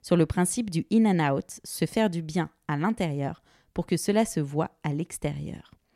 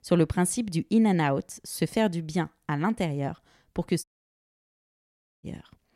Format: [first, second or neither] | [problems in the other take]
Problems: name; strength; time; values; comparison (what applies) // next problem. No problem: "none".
first | audio cutting out; at 4 s for 1.5 s